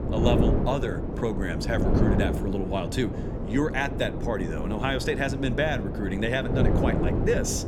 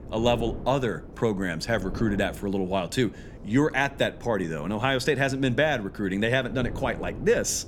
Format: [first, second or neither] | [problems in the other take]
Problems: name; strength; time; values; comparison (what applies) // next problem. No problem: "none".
second | wind noise on the microphone; heavy; 4 dB below the speech; occasional gusts in the second